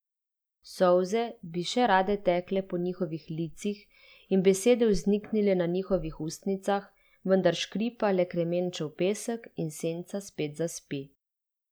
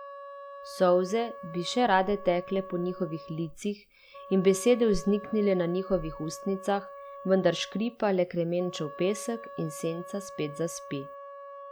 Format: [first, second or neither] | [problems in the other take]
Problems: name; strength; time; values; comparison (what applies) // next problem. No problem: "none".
first | background sound (Wind instrument, woodwind instrument); 15 dB below the speech